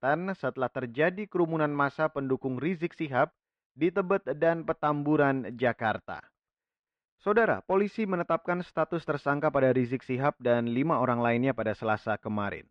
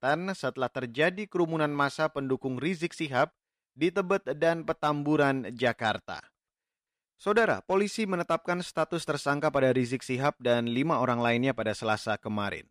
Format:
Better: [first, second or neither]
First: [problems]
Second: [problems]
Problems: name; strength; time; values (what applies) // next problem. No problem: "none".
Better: second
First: muffled; very; fading above 2 kHz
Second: none